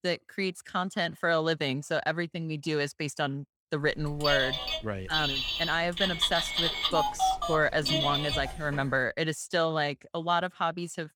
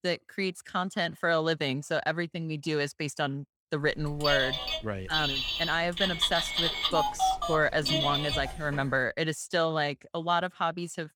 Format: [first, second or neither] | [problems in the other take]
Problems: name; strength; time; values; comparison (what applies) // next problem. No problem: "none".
neither | phone ringing; loud; from 4 to 9 s; peak 3 dB above the speech; the same in both